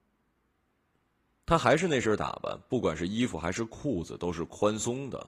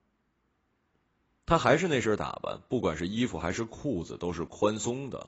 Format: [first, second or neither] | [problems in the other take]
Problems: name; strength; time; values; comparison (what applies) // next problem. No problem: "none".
first | garbled, watery; badly; nothing above 7.5 kHz; slightly in the first